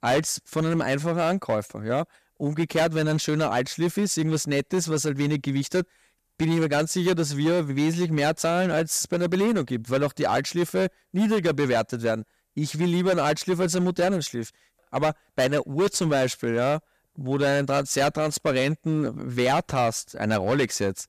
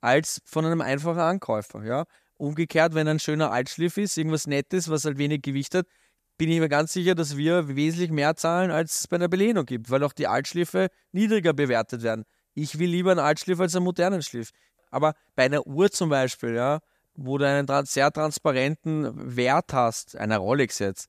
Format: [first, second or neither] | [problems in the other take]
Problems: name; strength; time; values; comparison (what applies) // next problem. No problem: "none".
second | distortion; slight; 10% of the sound clipped